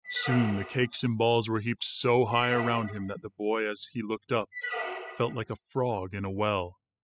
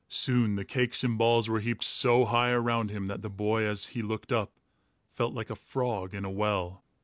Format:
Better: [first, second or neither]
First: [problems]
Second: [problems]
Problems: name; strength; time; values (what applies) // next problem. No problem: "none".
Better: second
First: noise reduction (classical method spectral subtraction)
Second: none